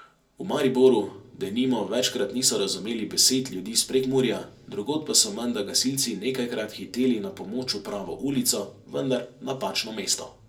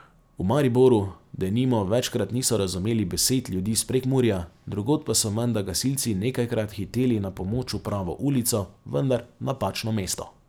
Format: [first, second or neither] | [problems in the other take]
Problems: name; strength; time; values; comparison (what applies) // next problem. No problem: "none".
second | room echo; dies away in 0.2 s